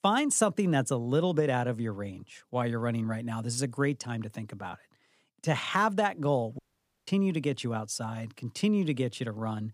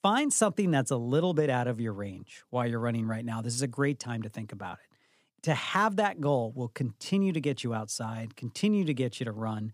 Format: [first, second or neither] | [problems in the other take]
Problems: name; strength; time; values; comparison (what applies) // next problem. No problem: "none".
second | audio cutting out; at 6.5 s